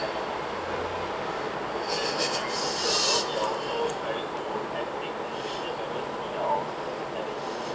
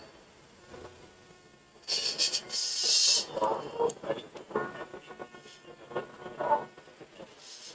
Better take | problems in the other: first | noise reduction (neural mask model RNNoise)

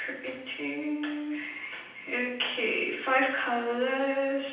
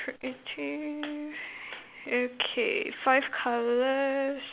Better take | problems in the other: second | room echo; dies away in 0.9 s

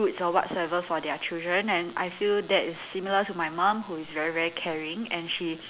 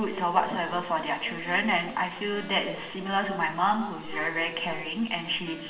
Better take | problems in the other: first | background sound (Wind instrument, woodwind instrument); 17 dB below the speech // room echo; dies away in 0.9 s

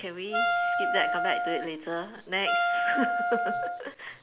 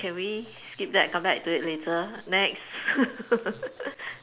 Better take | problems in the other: second | background sound (Wind instrument, woodwind instrument); 5 dB above the speech

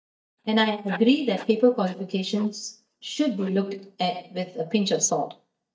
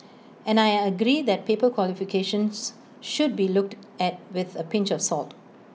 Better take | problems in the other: second | noise reduction (neural mask model DeepFilterNet 3)

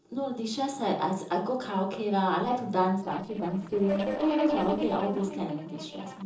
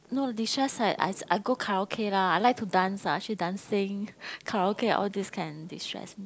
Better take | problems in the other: second | noise reduction (neural separator model SepFormer DNS4)

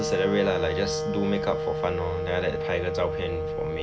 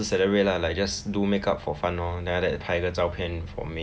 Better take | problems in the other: second | background sound (Wind instrument, woodwind instrument); 1 dB below the speech

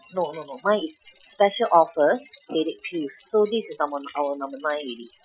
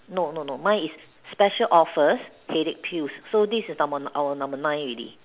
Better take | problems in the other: second | noise reduction (classical method Wiener filter)

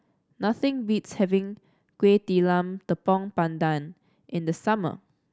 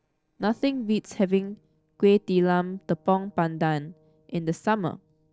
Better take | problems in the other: first | noise reduction (neural separator model SepFormer DNS4)

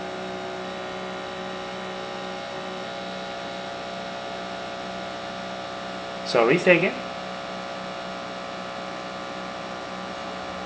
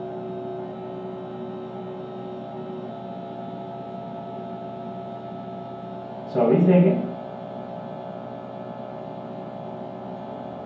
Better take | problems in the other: first | room echo; dies away in 0.9 s

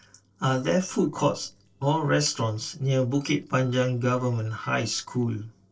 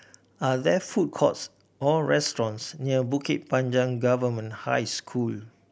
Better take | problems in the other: second | noise reduction (neural separator model SepFormer DNS4)

